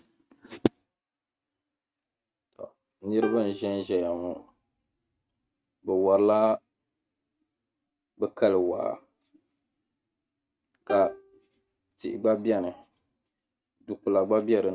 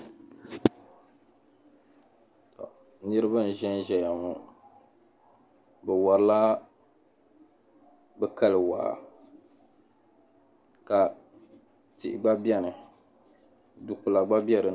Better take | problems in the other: second | noise reduction (neural mask model RNNoise)

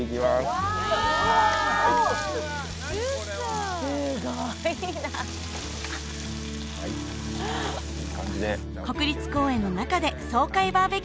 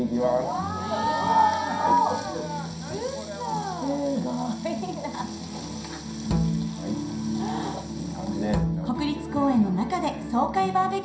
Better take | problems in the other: first | background sound (Bowed string instrument); 4 dB below the speech // room echo; dies away in 0.5 s

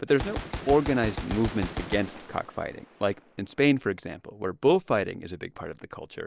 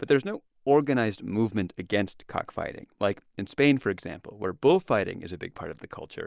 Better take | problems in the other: second | background sound (Gunshot, gunfire); 12 dB below the speech

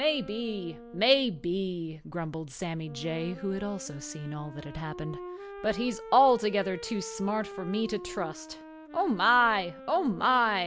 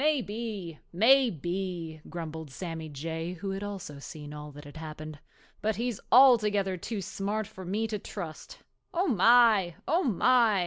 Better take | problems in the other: second | background sound (Wind instrument, woodwind instrument); 15 dB below the speech

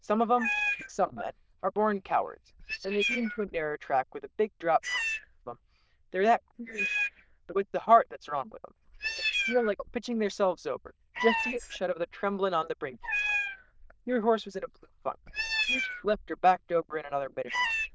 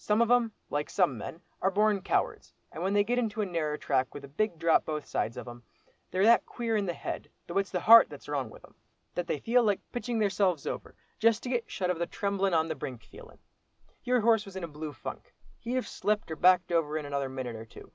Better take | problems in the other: second | noise reduction (neural diffusion model UNIVERSE++)

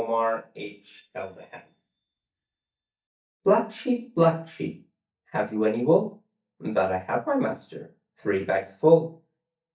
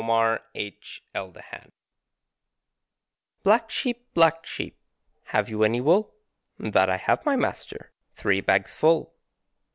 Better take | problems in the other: second | noise reduction (neural mask model DeepFilterNet 3)

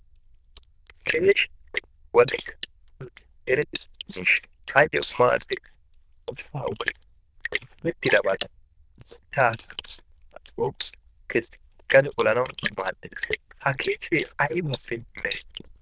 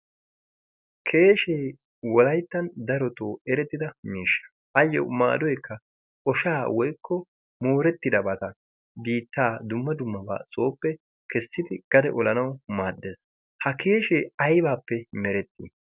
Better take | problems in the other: second | noise reduction (neural diffusion model UNIVERSE++)

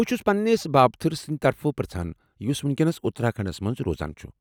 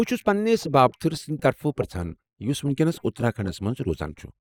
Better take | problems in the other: first | noise reduction (neural mask model Resemble Enhance denoiser)

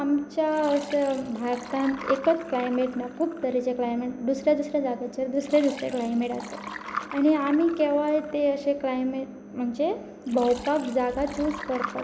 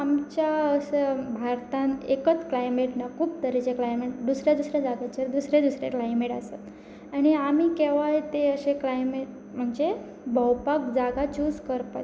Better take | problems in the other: second | background sound (Liquid); 15 dB below the speech

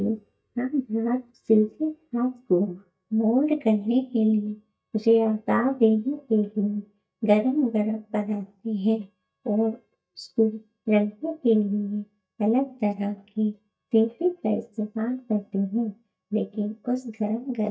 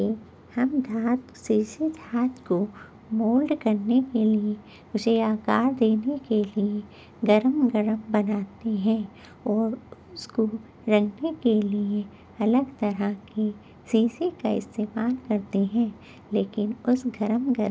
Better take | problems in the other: second | noise reduction (neural mask model DeepFilterNet 3)

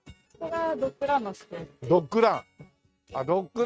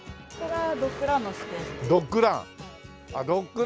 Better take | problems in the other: second | noise reduction (neural mask model RNNoise)

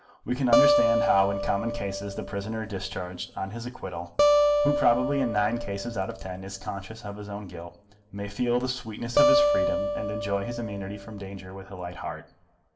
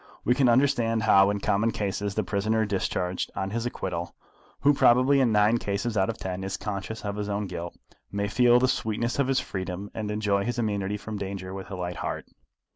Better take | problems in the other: second | background sound (Acoustic guitar); 3 dB above the speech // room echo; dies away in 0.7 s

